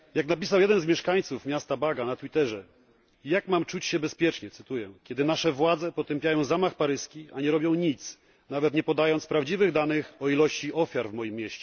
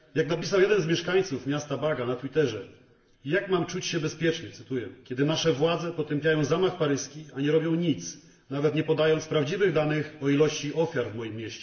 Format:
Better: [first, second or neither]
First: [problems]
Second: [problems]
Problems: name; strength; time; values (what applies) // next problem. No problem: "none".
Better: first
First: none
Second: room echo; dies away in 0.7 s